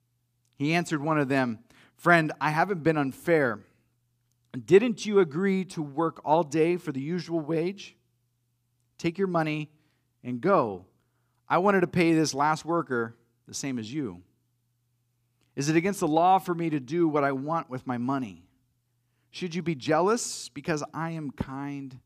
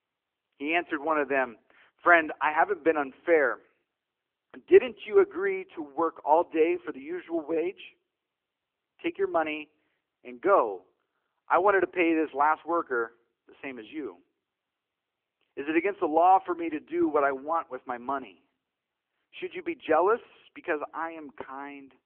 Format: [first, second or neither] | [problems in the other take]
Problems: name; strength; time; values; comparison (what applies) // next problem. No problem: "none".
first | phone-call audio